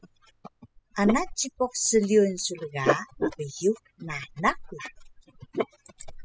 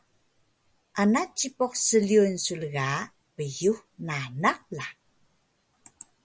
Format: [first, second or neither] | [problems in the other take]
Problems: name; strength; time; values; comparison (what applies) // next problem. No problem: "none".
second | noise reduction (classical method spectral subtraction)